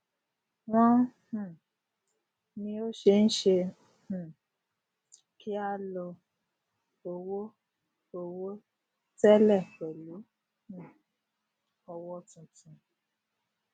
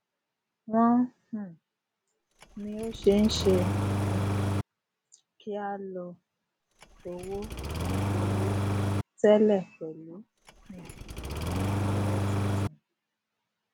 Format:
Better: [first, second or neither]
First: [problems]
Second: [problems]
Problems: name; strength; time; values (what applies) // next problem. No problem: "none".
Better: first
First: none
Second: background sound (Engine starting); 1 dB above the speech